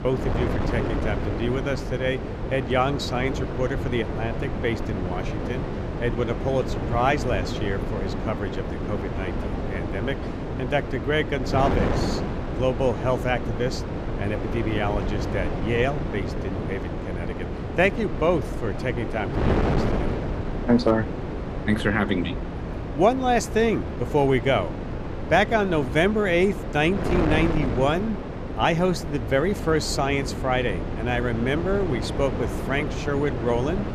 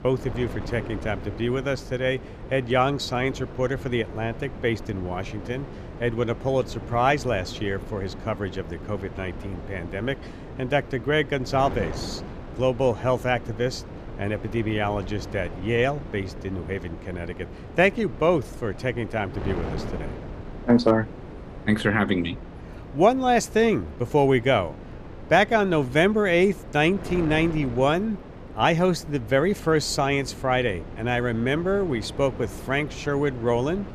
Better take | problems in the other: second | wind noise on the microphone; heavy; 7 dB below the speech; occasional gusts in the second

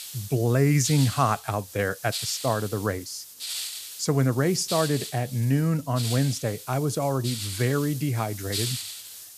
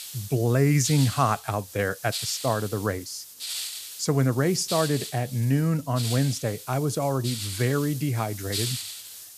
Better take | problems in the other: neither | hiss; loud; throughout; 9 dB below the speech; the same in both

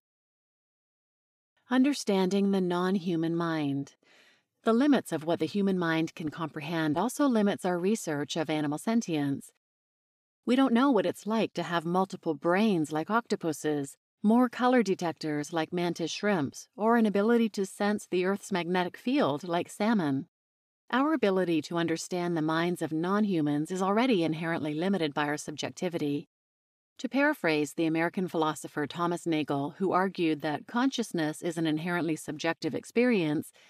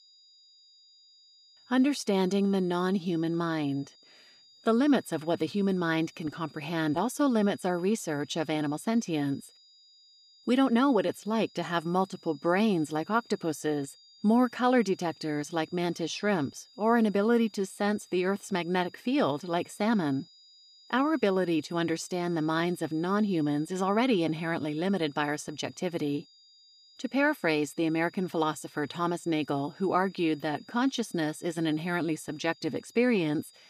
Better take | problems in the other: first | high-pitched whine; faint; throughout; 5 kHz, 25 dB below the speech

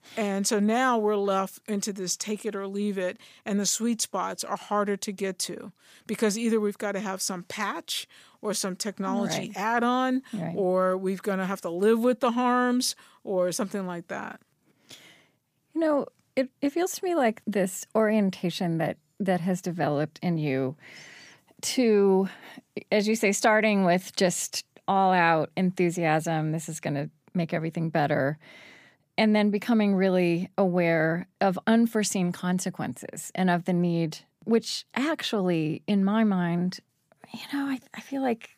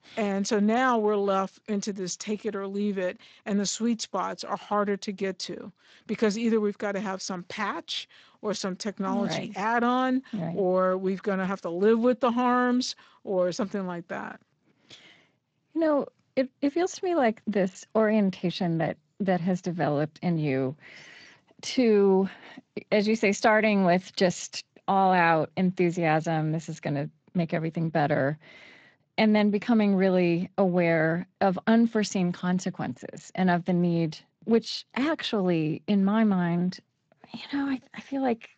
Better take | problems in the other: first | garbled, watery; slightly; nothing above 7.5 kHz

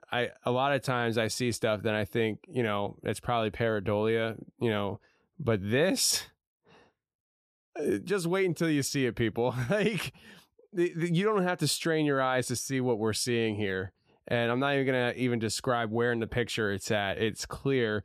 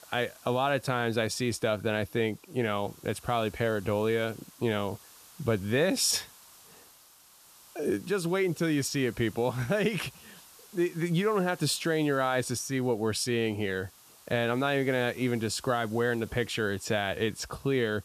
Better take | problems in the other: first | hiss; faint; throughout; 25 dB below the speech

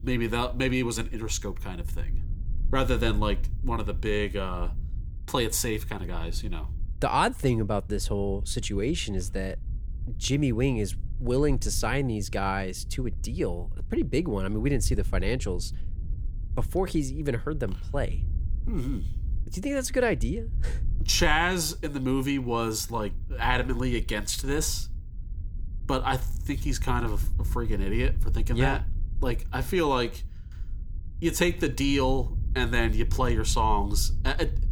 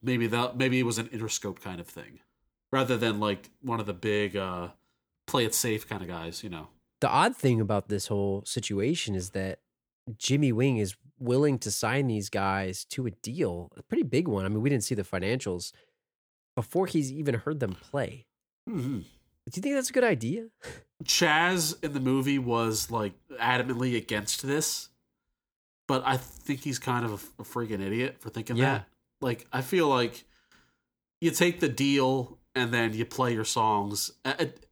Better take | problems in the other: second | low rumble; faint; throughout; 25 dB below the speech

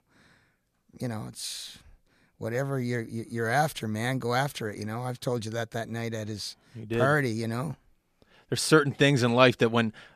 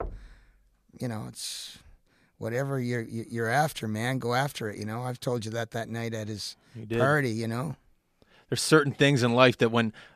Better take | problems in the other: first | door banging; faint; at the start; peak 15 dB below the speech

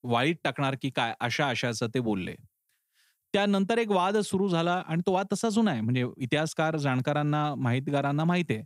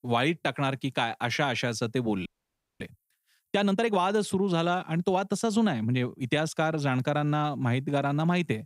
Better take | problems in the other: first | audio freezing; at 2.5 s for 0.5 s

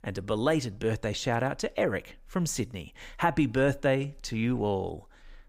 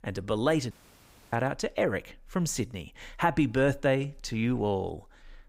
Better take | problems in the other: first | audio cutting out; at 0.5 s for 0.5 s

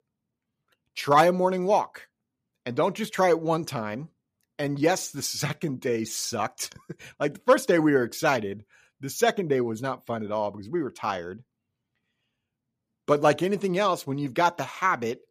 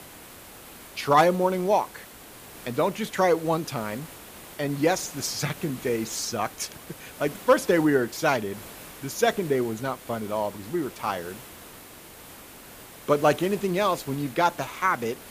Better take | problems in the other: first | hiss; noticeable; throughout; 15 dB below the speech

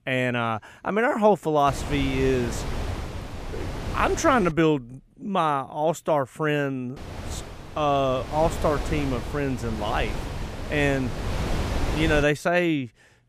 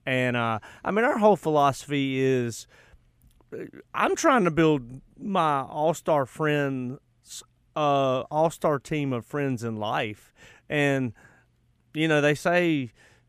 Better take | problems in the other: second | wind noise on the microphone; occasional gusts; from 1.5 to 4.5 s and from 7 to 12 s; 10 dB below the speech

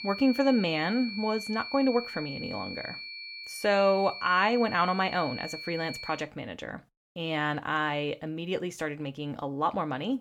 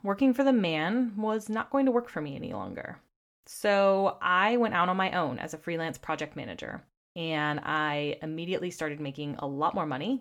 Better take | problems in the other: second | high-pitched whine; loud; until 6 s; 2.5 kHz, 9 dB below the speech

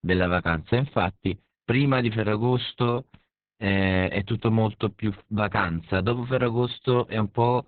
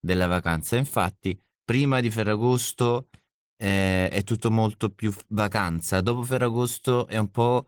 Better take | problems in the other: second | garbled, watery; badly; nothing above 4 kHz; slightly in the second

